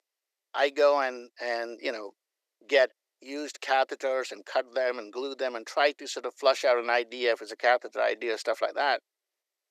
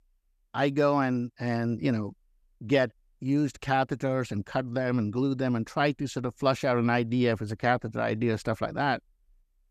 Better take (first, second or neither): second